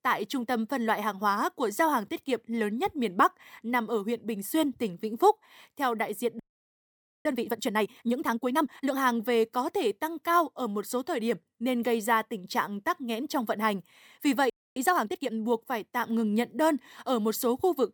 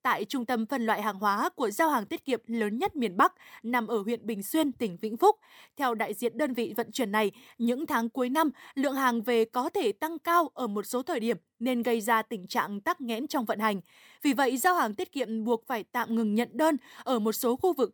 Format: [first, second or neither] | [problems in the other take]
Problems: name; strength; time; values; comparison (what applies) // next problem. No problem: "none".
second | audio freezing; at 6.5 s for 1 s and at 15 s